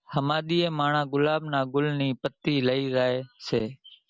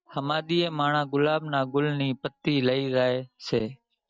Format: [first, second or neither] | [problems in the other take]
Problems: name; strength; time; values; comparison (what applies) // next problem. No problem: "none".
first | noise reduction (neural mask model DeepFilterNet 3)